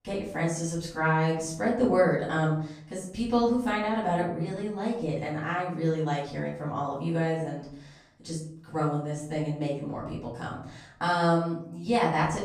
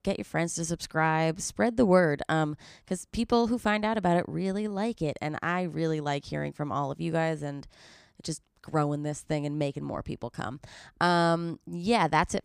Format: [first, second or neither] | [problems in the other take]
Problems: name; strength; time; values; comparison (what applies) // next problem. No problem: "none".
second | off-mic speech; far // room echo; noticeable; dies away in 0.5 s